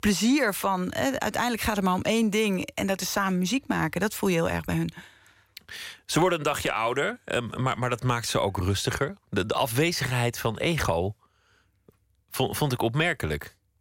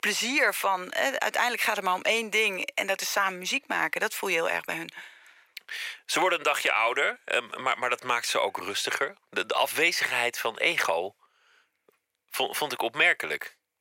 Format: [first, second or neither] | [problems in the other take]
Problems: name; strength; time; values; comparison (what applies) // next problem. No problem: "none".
first | thin; very; fading below 550 Hz